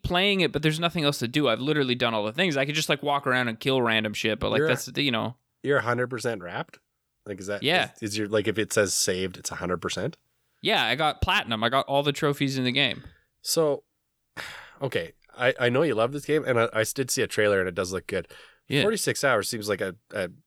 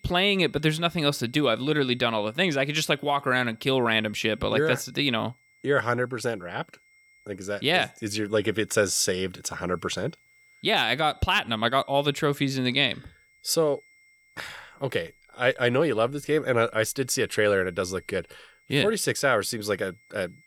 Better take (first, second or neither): first